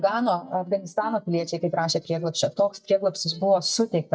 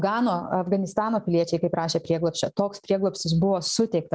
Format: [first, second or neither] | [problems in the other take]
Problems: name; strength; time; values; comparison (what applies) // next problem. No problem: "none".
second | noise reduction (neural mask model DeepFilterNet 3)